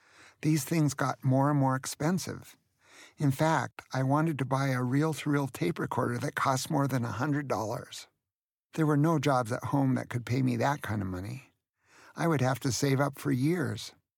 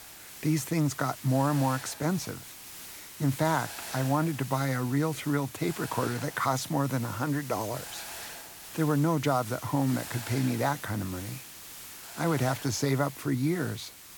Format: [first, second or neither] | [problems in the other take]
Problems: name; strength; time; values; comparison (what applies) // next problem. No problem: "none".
first | hiss; noticeable; throughout; 10 dB below the speech